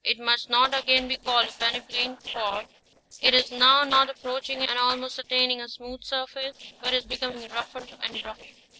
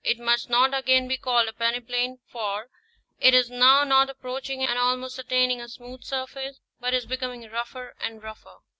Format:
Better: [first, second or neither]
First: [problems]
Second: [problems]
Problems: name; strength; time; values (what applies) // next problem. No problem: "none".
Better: second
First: noise reduction (neural separator model SepFormer DNS4)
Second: none